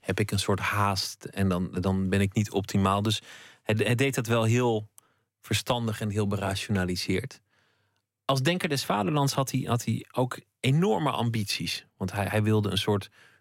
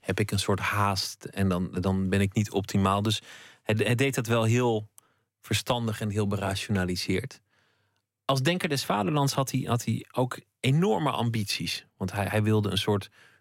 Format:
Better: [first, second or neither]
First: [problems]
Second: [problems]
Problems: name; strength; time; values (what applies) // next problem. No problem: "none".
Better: neither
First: none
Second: none